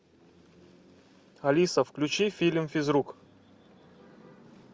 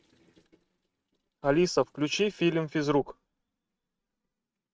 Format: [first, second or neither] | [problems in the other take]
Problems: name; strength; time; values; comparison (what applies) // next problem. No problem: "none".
first | noise reduction (neural mask model RNNoise)